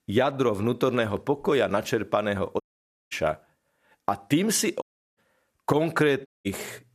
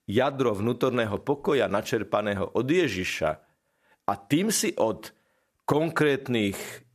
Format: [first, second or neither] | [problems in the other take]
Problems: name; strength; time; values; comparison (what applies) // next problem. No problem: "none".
second | audio cutting out; at 2.5 s for 0.5 s, at 5 s and at 6.5 s